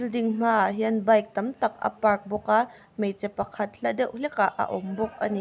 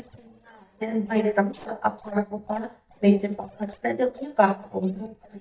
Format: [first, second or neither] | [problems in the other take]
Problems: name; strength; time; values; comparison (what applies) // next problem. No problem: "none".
first | noise reduction (neural mask model DeepFilterNet 3)